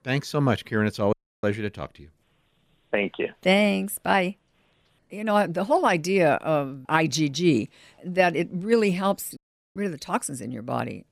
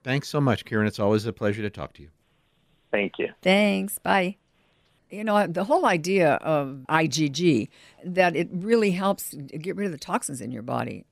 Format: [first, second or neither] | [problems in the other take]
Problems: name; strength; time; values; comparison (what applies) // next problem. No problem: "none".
second | audio cutting out; at 1 s and at 9.5 s